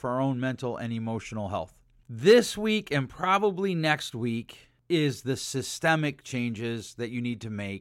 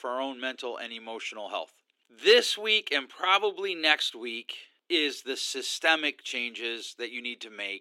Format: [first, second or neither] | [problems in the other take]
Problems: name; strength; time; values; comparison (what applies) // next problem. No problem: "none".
first | thin; somewhat; fading below 300 Hz